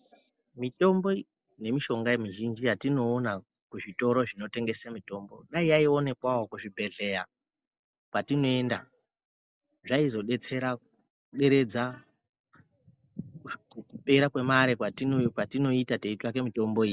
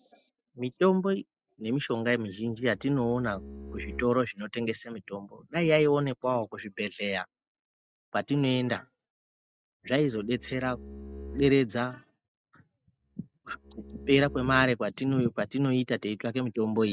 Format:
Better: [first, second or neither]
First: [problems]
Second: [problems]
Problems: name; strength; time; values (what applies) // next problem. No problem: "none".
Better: first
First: none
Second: noise reduction (neural mask model RNNoise)